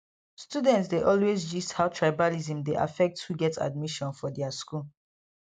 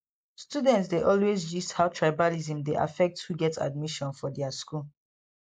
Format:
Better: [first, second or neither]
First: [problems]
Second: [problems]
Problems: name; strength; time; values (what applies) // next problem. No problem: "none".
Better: first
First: none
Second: noise reduction (neural mask model Resemble Enhance denoiser)